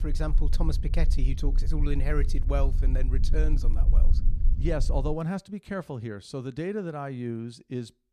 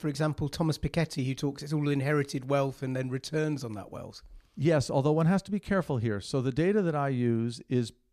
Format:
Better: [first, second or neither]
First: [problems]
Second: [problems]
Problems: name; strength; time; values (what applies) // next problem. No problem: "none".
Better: second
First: low rumble; noticeable; until 5 s; 15 dB below the speech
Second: none